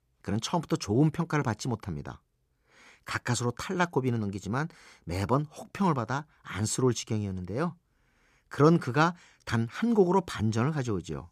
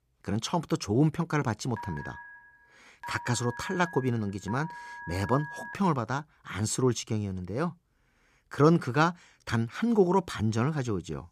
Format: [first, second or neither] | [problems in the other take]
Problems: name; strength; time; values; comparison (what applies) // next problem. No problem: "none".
first | phone ringing; faint; from 2 to 5.5 s; peak 10 dB below the speech